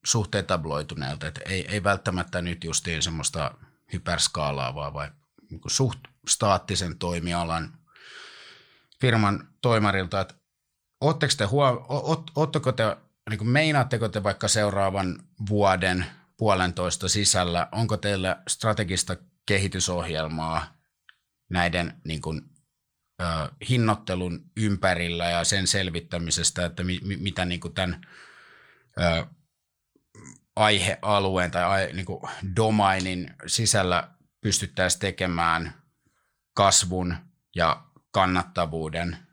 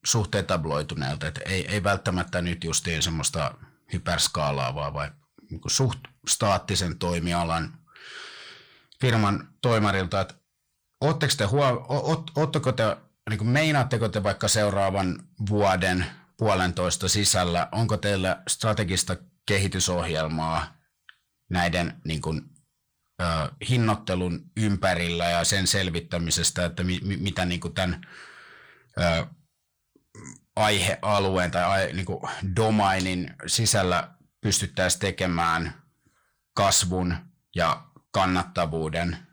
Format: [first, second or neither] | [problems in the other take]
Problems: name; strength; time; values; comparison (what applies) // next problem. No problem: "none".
first | distortion; slight; 10 dB below the speech